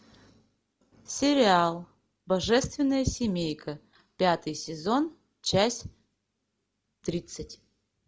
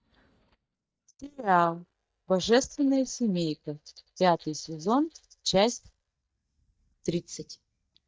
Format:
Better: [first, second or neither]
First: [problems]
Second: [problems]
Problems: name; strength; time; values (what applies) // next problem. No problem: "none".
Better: first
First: none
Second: noise reduction (neural mask model DeepFilterNet 3)